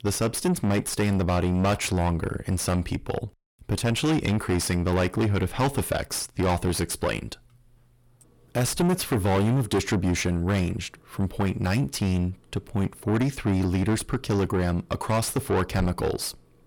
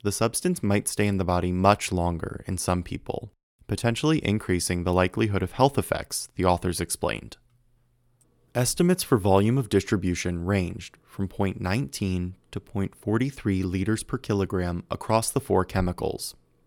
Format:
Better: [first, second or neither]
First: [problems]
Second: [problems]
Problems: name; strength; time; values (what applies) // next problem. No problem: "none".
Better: second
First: distortion; heavy; 6 dB below the speech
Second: none